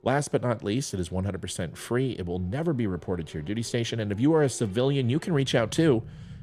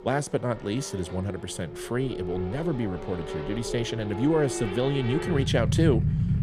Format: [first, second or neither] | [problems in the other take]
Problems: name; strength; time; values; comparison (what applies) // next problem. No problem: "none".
first | traffic noise; loud; throughout; 3 dB below the speech; faint in the first